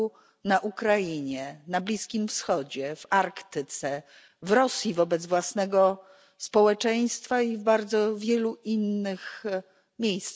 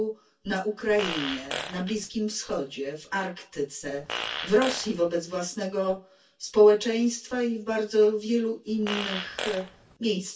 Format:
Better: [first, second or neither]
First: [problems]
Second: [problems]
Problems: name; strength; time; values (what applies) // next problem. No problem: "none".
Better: first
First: none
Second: background sound (Fart); 8 dB below the speech // room echo; dies away in 0.2 s